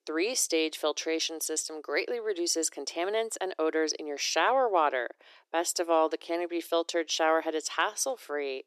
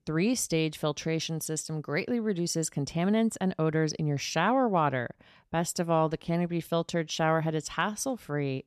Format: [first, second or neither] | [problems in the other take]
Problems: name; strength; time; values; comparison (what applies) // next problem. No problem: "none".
second | thin; very; fading below 350 Hz